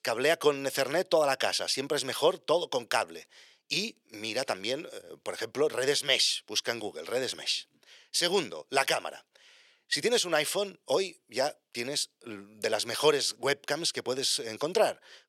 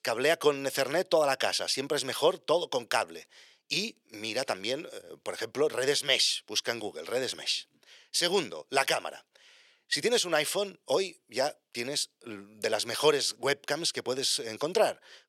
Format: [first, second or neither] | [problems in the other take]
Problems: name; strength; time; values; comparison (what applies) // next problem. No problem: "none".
neither | thin; somewhat; fading below 450 Hz; the same in both